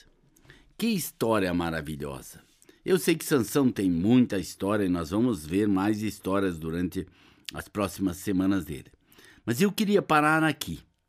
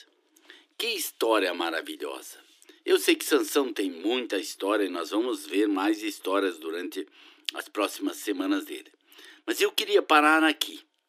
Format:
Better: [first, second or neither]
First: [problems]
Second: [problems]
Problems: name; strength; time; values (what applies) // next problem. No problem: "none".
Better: first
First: none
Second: thin; somewhat; fading below 300 Hz